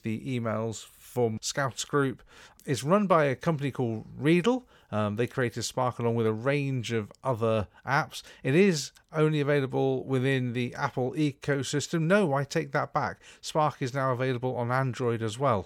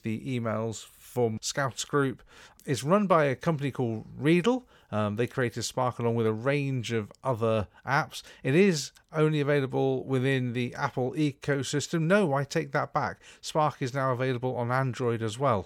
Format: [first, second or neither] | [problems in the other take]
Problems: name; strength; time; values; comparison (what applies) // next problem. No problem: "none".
neither | none